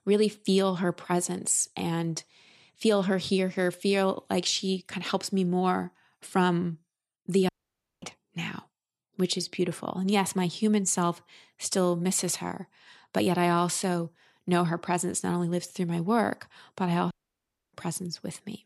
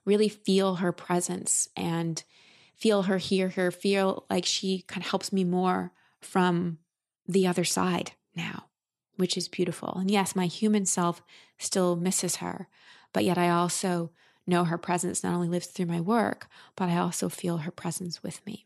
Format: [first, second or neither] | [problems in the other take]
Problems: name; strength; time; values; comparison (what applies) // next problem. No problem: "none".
second | audio cutting out; at 7.5 s for 0.5 s and at 17 s for 0.5 s